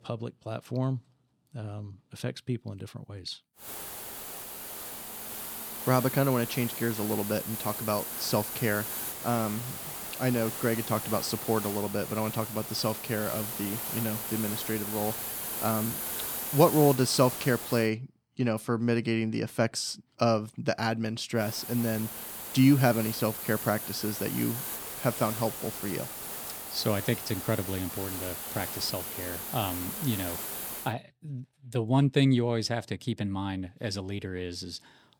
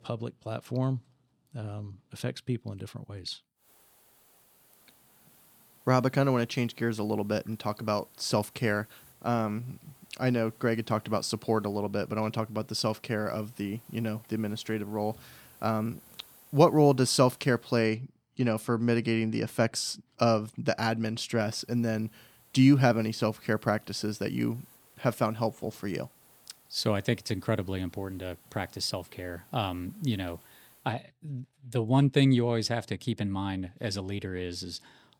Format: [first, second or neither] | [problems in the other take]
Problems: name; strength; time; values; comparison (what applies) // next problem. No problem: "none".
second | hiss; loud; from 3.5 to 18 s and from 21 to 31 s; 5 dB below the speech; faint in the second